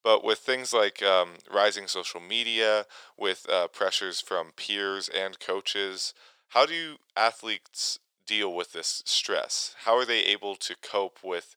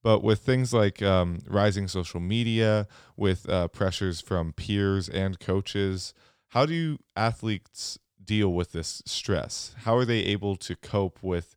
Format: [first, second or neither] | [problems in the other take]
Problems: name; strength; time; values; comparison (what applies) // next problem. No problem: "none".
second | thin; very; fading below 500 Hz